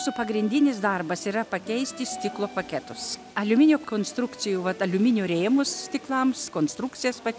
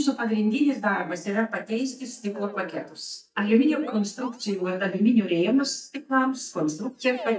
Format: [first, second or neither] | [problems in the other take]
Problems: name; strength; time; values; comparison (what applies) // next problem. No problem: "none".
first | noise reduction (neural mask model DeepFilterNet 3)